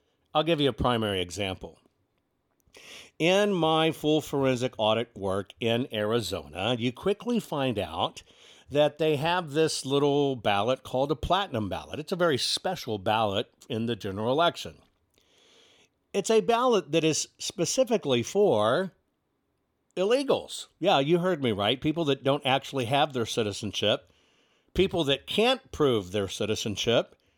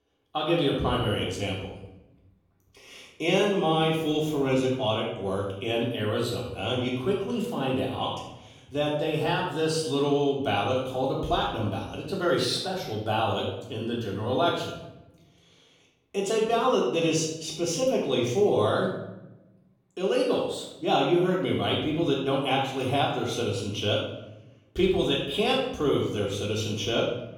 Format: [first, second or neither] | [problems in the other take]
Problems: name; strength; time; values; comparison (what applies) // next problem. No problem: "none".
first | room echo; noticeable; dies away in 0.7 s // off-mic speech; far